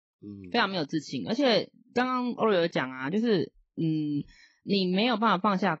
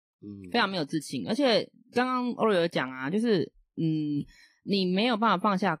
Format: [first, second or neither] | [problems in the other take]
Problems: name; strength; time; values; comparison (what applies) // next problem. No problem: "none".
second | garbled, watery; badly; nothing above 7.5 kHz; slightly in the second